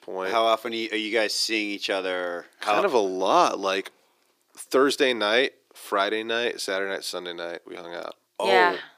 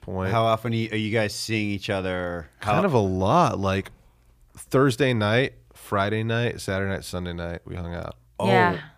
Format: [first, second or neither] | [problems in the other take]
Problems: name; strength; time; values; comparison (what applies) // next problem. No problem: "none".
second | thin; somewhat; fading below 300 Hz